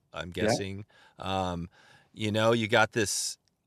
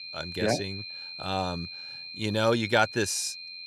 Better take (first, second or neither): first